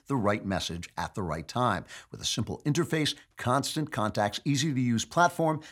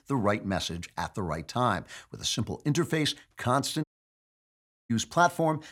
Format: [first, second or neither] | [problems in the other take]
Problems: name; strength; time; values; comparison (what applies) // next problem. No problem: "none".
first | audio cutting out; at 4 s for 1 s